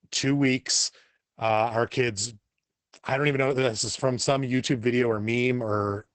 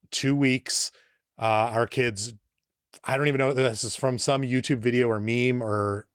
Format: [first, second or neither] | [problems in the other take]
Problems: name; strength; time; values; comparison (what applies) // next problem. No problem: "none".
second | garbled, watery; badly; nothing above 8 kHz; slightly in the second